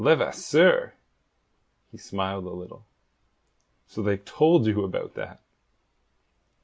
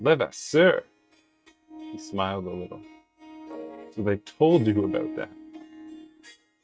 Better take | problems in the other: first | noise reduction (neural mask model RNNoise)

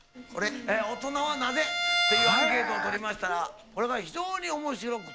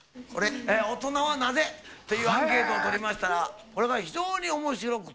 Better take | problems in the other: second | background sound (Bowed string instrument); 2 dB below the speech

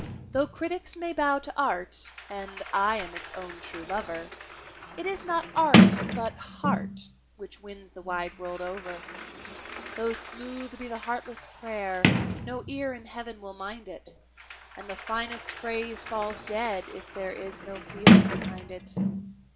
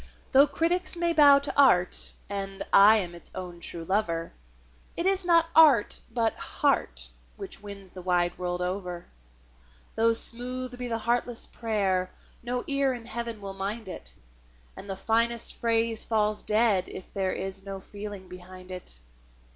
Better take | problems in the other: second | background sound (Sliding door); 4 dB above the speech

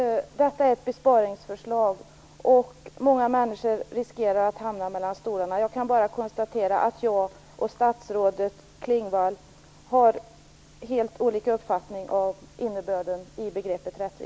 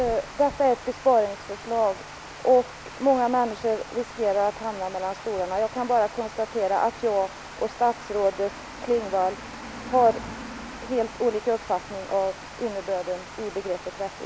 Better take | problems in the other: first | background sound (Water); 14 dB below the speech

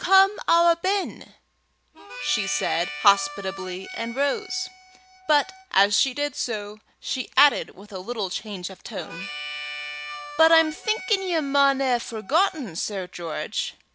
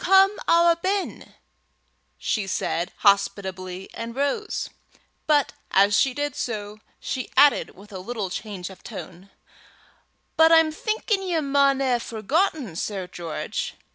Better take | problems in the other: second | background sound (Harmonica); 12 dB below the speech

